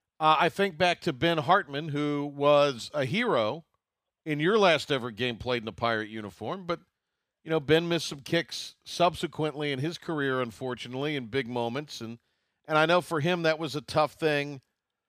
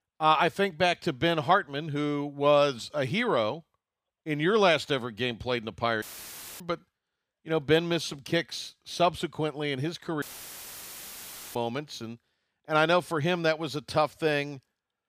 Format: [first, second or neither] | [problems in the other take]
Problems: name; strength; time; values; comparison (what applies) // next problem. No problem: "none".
first | audio cutting out; filled with static; at 6 s for 0.5 s and at 10 s for 1.5 s